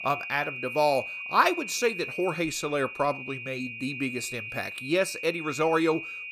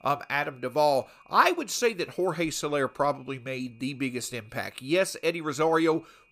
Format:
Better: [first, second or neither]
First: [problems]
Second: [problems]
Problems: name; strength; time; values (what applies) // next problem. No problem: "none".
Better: second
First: high-pitched whine; loud; throughout; 2.5 kHz, 7 dB below the speech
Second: high-pitched whine; faint; throughout; 2.5 kHz, 35 dB below the speech